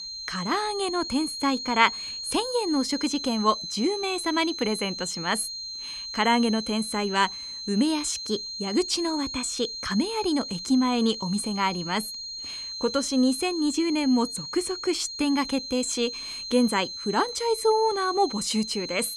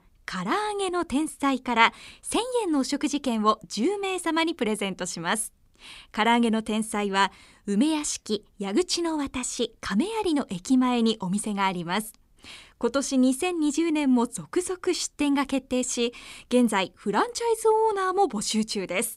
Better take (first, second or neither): second